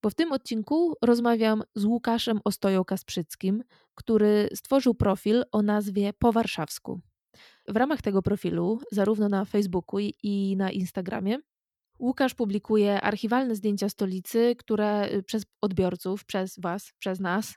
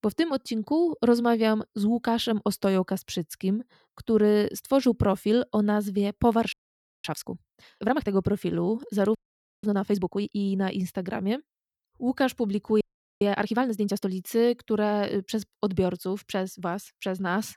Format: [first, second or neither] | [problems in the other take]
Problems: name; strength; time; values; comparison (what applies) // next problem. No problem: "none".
first | audio freezing; at 6.5 s for 0.5 s, at 9 s and at 13 s